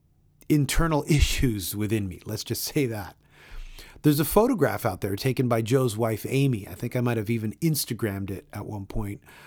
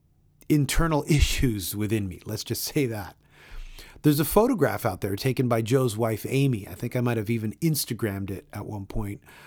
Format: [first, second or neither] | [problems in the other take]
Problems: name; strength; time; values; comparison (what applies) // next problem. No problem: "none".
neither | none